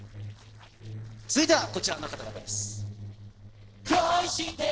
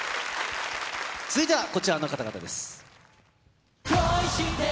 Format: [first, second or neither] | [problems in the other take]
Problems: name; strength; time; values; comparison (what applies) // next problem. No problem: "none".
second | noise reduction (neural separator model SepFormer DNS4)